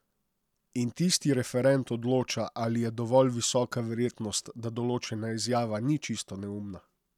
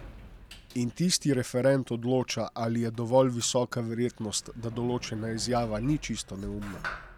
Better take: first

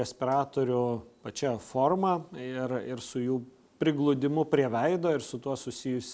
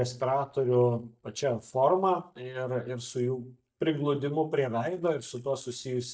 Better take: first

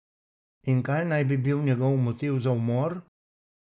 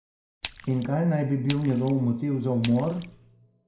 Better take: first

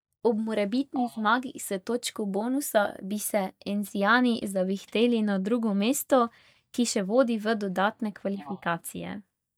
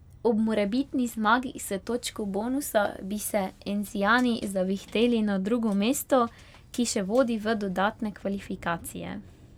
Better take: second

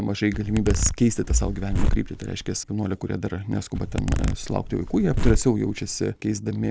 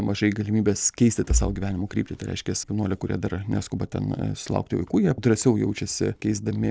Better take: second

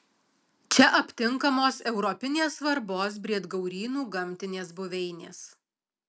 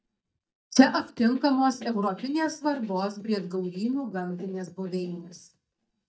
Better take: first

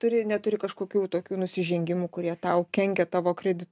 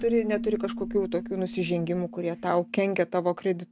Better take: first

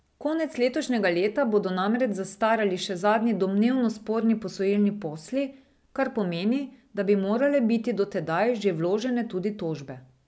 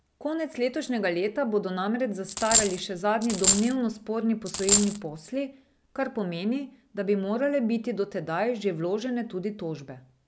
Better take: first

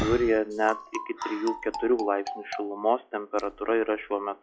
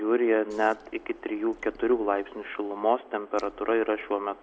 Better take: second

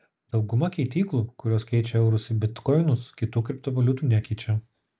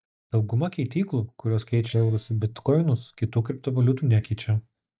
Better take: first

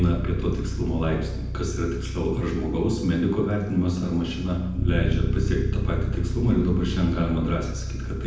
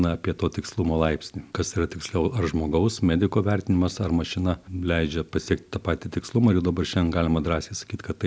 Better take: second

